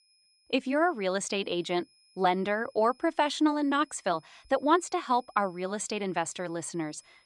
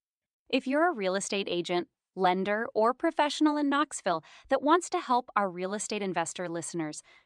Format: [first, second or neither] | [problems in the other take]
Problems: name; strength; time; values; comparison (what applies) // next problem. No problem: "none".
second | high-pitched whine; faint; throughout; 5 kHz, 35 dB below the speech